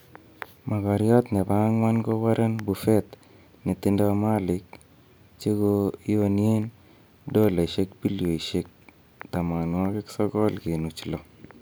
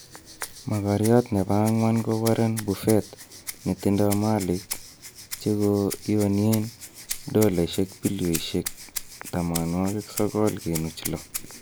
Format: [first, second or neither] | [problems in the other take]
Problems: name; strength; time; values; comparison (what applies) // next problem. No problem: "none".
first | background sound (Rattle (instrument)); 13 dB below the speech